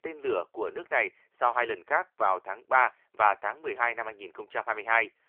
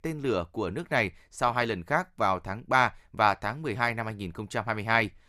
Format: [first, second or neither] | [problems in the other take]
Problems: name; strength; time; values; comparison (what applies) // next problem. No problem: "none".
second | phone-call audio